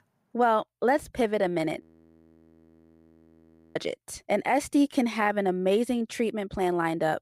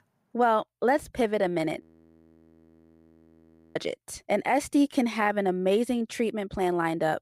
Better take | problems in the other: neither | audio freezing; at 2 s for 2 s; the same in both

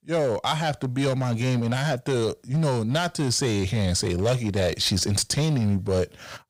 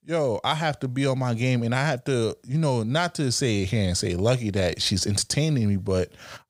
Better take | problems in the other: second | distortion; slight; 8% of the sound clipped

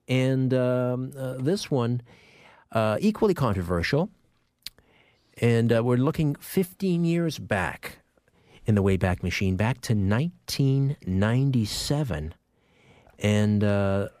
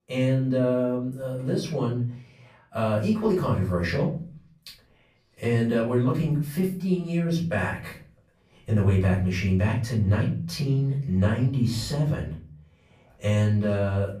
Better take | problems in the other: first | off-mic speech; far // room echo; slight; dies away in 0.5 s

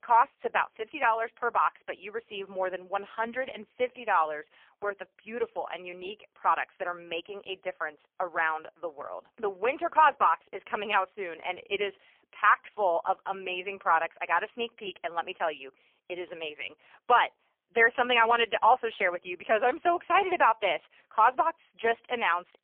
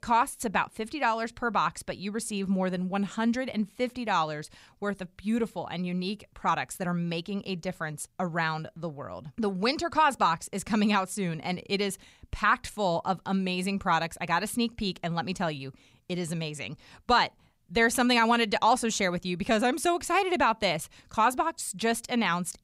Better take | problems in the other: second | phone-call audio; poor line; nothing above 3 kHz

